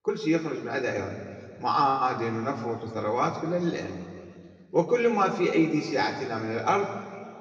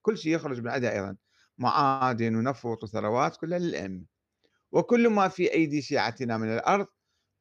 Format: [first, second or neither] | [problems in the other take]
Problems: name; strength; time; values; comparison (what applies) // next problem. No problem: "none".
second | room echo; noticeable; dies away in 2 s // off-mic speech; somewhat distant